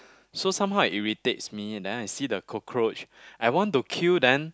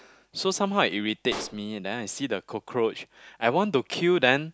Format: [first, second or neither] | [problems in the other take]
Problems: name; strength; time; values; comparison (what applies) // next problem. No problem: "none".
first | background sound (Explosion); 16 dB below the speech